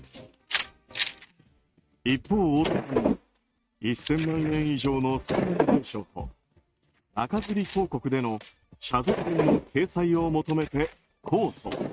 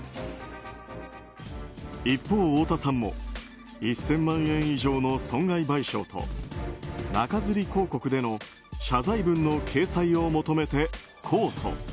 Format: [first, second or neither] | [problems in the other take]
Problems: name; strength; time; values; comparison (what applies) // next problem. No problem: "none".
second | noise reduction (neural mask model RNNoise)